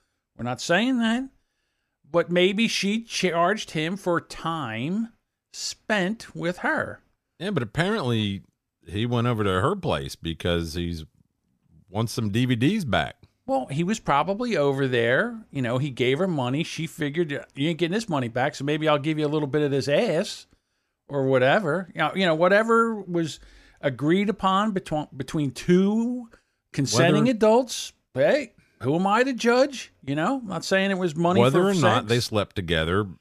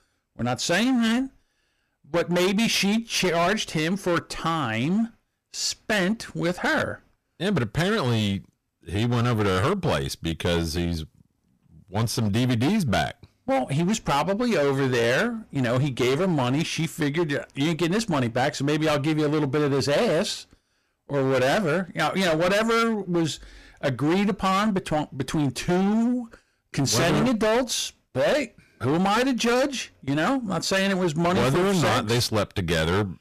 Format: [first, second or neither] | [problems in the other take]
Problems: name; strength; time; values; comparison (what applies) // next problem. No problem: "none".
first | distortion; heavy; 20% of the sound clipped